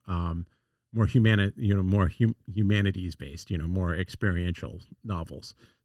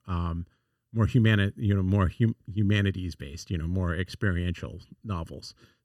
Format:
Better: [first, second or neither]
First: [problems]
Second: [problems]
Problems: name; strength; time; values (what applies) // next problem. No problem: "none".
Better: second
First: garbled, watery; slightly; nothing above 15.5 kHz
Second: none